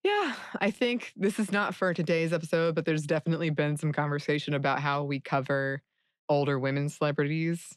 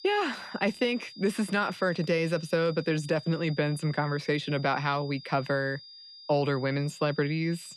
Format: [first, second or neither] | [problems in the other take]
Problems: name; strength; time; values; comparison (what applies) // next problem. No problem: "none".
first | high-pitched whine; noticeable; throughout; 5 kHz, 15 dB below the speech